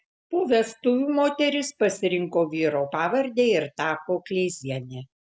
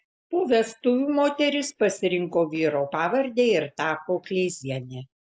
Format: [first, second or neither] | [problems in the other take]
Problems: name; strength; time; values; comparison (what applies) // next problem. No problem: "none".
first | noise reduction (neural mask model Resemble Enhance denoiser)